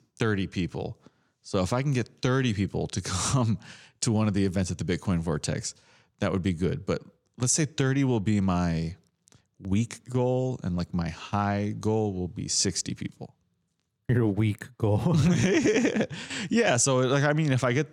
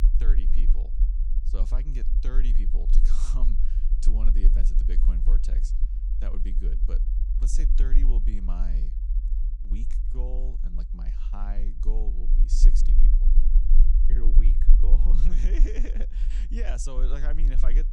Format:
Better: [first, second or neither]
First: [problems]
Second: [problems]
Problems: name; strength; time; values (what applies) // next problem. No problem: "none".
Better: first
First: none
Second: low rumble; loud; throughout; 6 dB below the speech